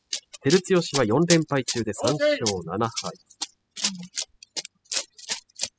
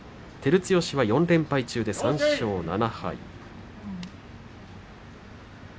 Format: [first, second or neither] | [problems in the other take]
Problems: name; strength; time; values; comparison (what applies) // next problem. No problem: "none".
second | noise reduction (classical method spectral subtraction)